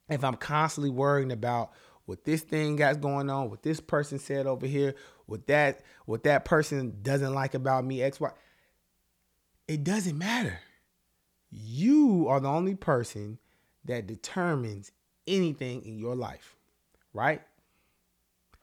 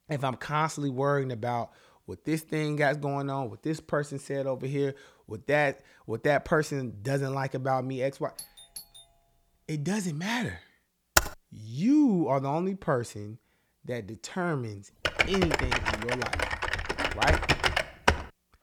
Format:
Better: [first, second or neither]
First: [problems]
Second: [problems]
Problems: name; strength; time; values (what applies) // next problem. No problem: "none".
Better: first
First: none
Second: doorbell; faint; at 8.5 s; peak 15 dB below the speech // keyboard typing; loud; at 11 s and from 15 s on; peak 5 dB above the speech